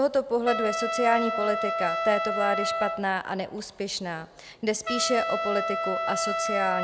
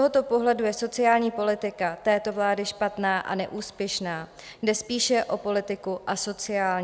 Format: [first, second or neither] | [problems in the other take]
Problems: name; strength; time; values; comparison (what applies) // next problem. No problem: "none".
second | background sound (Trumpet); 2 dB below the speech